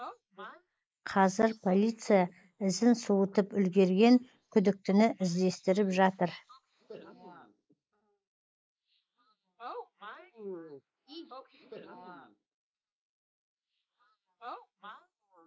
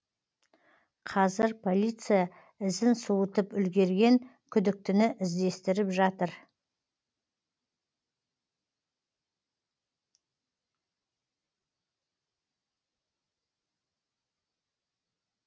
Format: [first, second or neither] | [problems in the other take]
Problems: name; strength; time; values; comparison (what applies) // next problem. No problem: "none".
second | noise reduction (neural mask model Resemble Enhance denoiser)